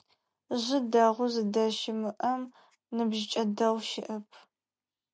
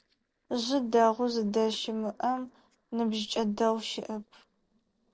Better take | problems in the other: first | noise reduction (neural separator model SepFormer DNS4)

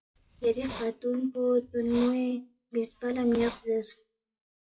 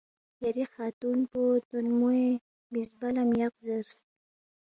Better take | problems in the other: second | noise reduction (classical method WPE with log-MMSE)

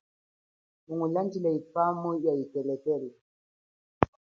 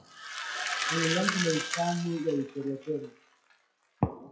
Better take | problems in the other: first | noise reduction (classical method WPE with log-MMSE)

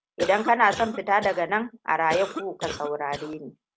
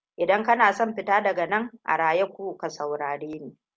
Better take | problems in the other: second | background sound (Cough); 11 dB below the speech

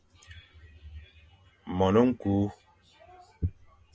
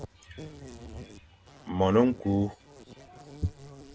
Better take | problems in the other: first | background sound (Insect); 17 dB below the speech

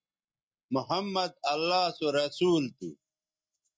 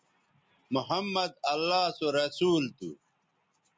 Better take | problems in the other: second | noise reduction (neural mask model DeepFilterNet 3)

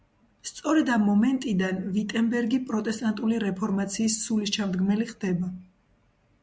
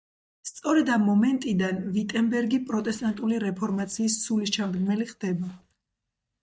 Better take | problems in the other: first | noise reduction (neural mask model DeepFilterNet 3)

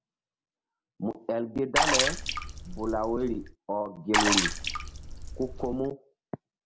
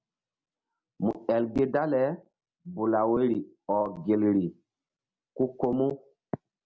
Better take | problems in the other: second | background sound (Water / Splash, splatter); 3 dB above the speech

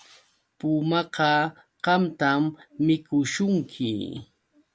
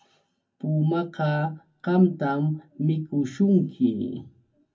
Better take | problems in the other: first | room echo; dies away in 0.3 s

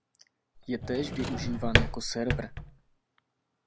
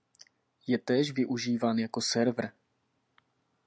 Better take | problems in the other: second | background sound (Drawer open or close); 5 dB above the speech

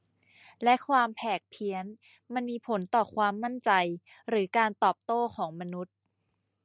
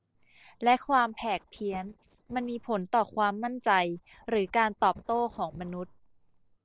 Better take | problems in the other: first | noise reduction (neural separator model SepFormer DNS4)

